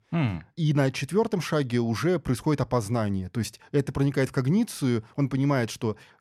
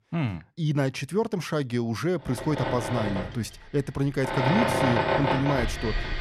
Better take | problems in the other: first | machinery noise; very loud; from 2.5 s on; as loud as the speech

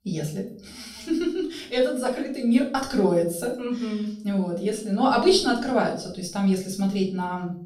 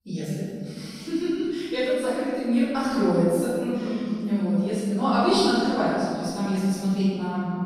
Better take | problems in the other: first | room echo; strong; dies away in 2.1 s; slight in the first // off-mic speech; far; far in the first

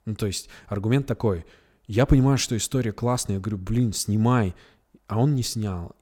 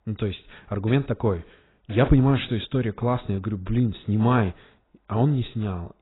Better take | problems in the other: first | garbled, watery; badly; nothing above 4 kHz

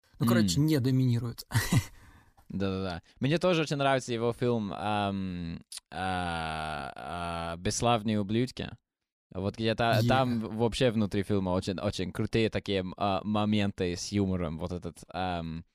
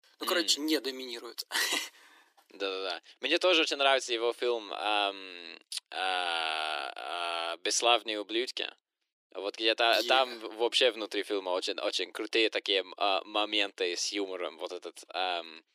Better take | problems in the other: first | thin; very; fading below 300 Hz

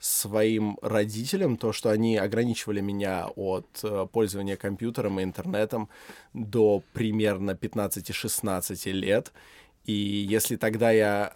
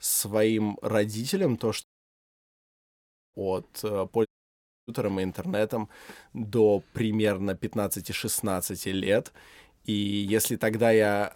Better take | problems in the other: first | audio cutting out; at 2 s for 1.5 s and at 4.5 s for 0.5 s

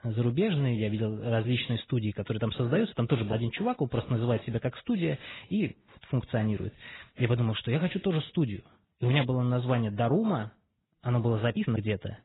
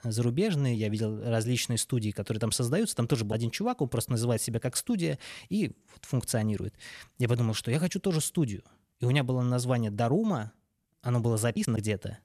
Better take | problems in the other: second | garbled, watery; badly; nothing above 4 kHz

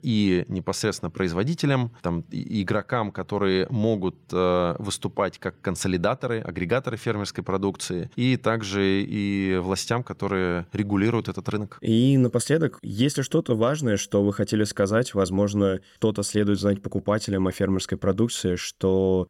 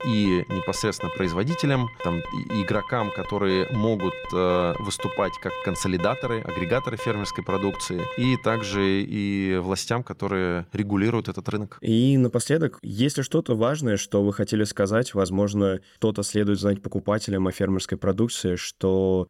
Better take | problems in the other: first | alarm; noticeable; until 9 s; peak 8 dB below the speech

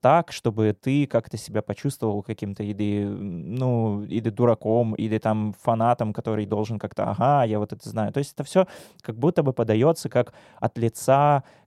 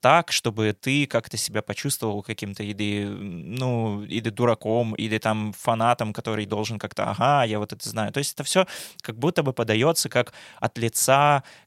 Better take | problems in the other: second | muffled; slightly; fading above 1.5 kHz

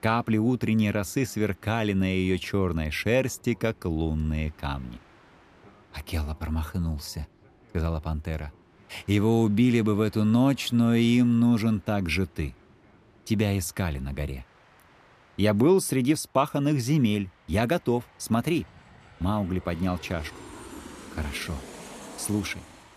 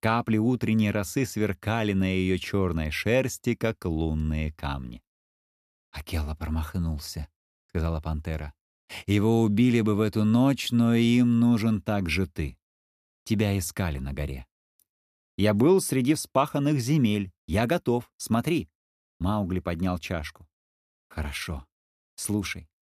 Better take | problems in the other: second | train or aircraft noise; faint; throughout; 25 dB below the speech

